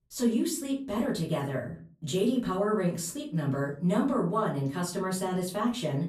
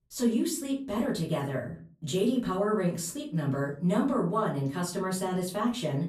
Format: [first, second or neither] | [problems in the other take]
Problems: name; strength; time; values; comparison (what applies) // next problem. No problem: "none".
neither | off-mic speech; far; the same in both // room echo; slight; dies away in 0.3 s; the same in both